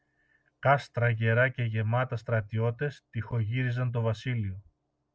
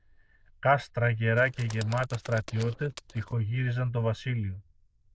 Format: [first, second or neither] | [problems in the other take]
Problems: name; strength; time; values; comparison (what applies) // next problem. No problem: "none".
first | noise reduction (neural diffusion model UNIVERSE++)